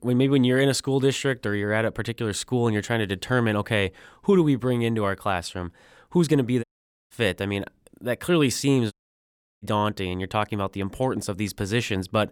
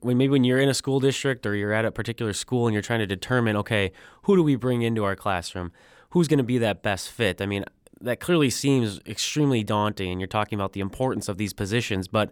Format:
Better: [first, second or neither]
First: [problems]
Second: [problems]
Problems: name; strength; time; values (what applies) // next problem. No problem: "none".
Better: second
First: audio cutting out; at 6.5 s and at 9 s for 0.5 s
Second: none